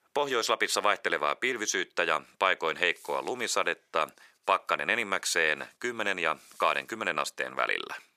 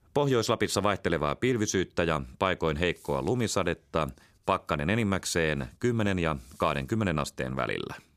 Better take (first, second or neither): second